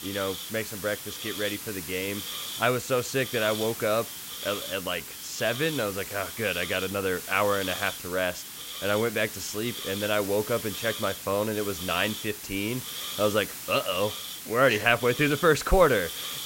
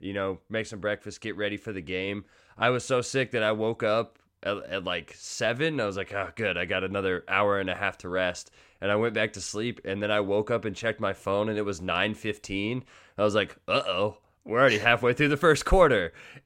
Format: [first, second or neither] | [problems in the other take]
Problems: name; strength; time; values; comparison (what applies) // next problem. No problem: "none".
second | hiss; loud; throughout; 7 dB below the speech